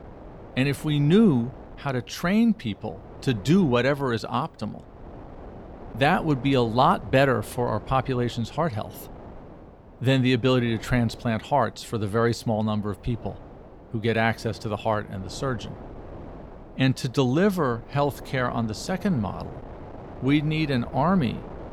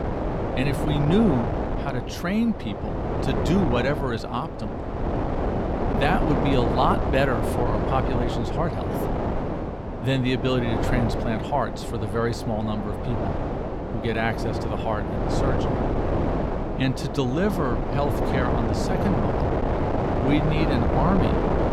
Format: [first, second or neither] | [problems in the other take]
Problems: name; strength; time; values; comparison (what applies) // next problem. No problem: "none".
first | wind noise on the microphone; heavy; 1 dB below the speech; occasional gusts in the first